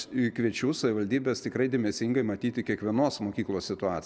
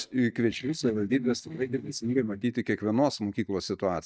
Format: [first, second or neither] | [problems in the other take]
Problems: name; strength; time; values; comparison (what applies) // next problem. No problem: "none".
first | noise reduction (neural mask model DeepFilterNet 3)